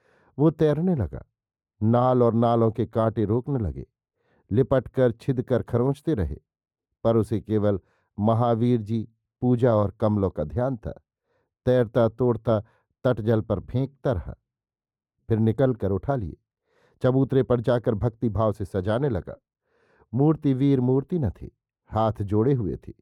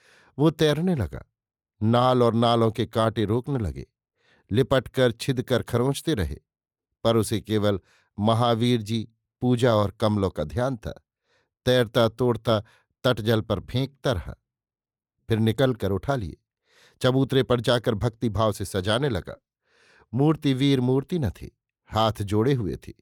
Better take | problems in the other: second | muffled; very; fading above 1.5 kHz

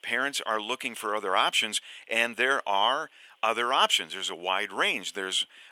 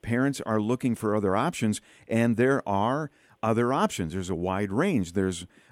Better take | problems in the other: second | thin; very; fading below 800 Hz

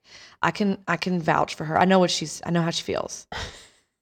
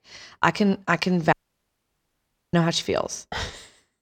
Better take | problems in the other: first | audio cutting out; at 1.5 s for 1 s

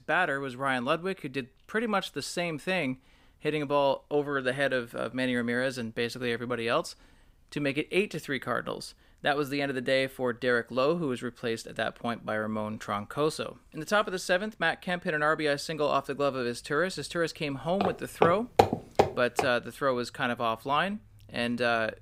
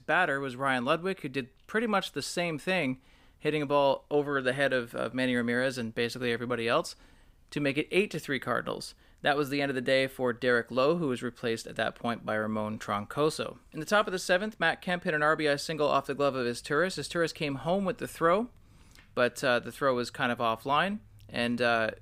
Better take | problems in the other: second | footsteps; loud; from 18 to 19 s; peak 4 dB above the speech

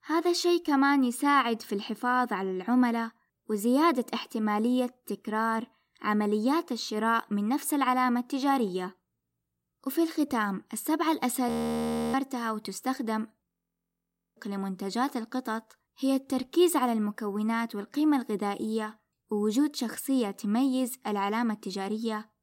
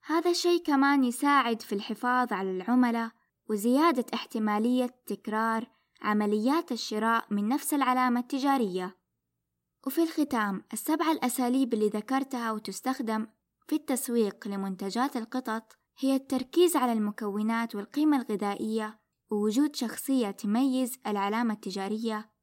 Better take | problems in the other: second | audio freezing; at 11 s for 0.5 s and at 13 s for 1 s

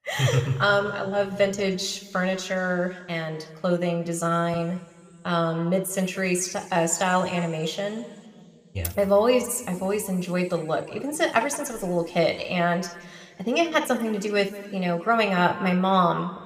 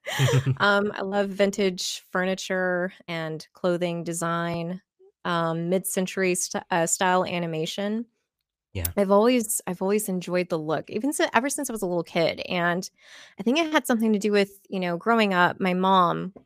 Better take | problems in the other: second | room echo; slight; dies away in 2.7 s

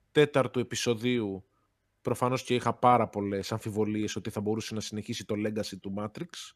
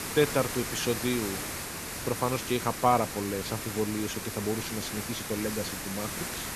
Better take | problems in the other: first | hiss; loud; throughout; 4 dB below the speech

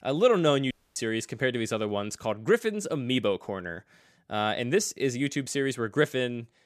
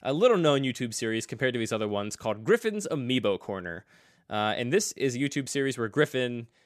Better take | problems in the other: second | audio cutting out; at 0.5 s

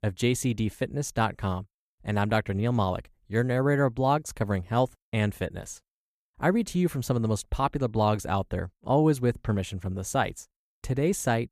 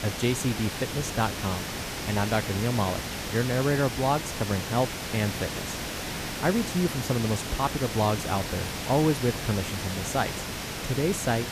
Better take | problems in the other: first | hiss; loud; throughout; 4 dB below the speech

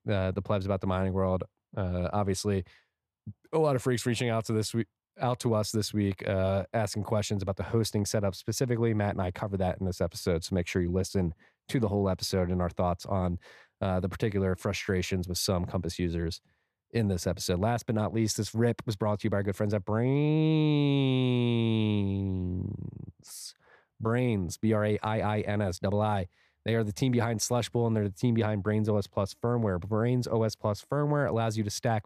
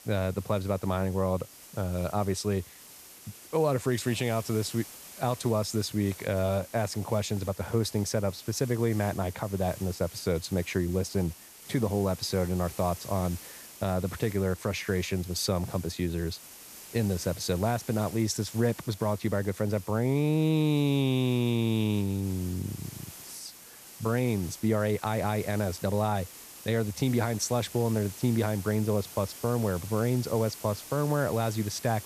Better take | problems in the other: first | hiss; noticeable; throughout; 15 dB below the speech

